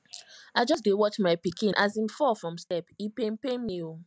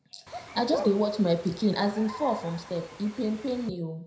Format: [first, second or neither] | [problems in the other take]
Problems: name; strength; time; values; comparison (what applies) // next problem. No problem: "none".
first | background sound (Bird); 11 dB below the speech // room echo; dies away in 0.5 s